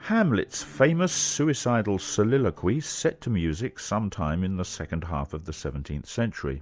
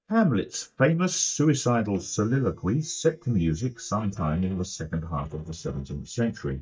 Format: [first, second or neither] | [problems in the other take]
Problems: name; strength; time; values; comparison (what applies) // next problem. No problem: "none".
first | noise reduction (neural mask model DeepFilterNet 3)